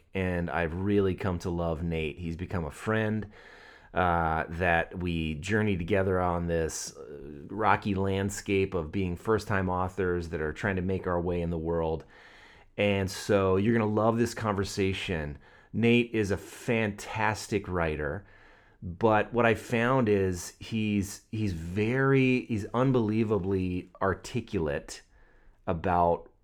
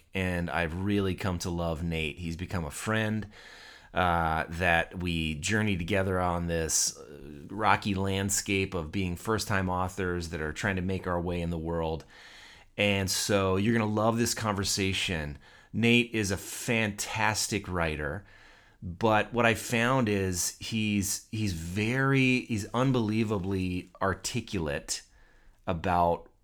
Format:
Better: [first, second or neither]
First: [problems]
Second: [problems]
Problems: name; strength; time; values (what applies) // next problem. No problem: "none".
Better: second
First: muffled; slightly; fading above 3 kHz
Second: none